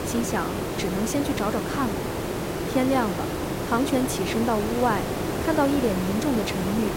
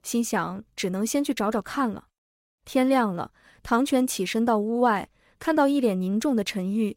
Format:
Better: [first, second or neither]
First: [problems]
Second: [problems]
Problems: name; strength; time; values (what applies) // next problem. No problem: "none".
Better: second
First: hiss; loud; throughout; 2 dB below the speech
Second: none